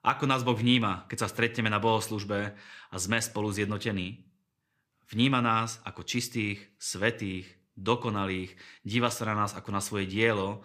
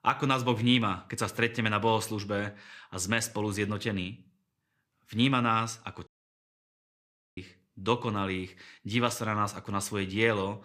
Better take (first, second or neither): first